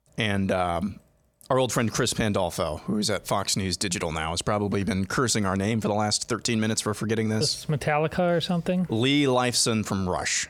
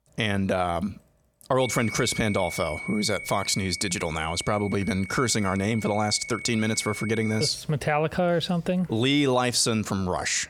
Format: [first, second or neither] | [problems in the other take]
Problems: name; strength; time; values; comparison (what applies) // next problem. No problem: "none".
first | high-pitched whine; noticeable; from 1.5 to 7.5 s; 2 kHz, 10 dB below the speech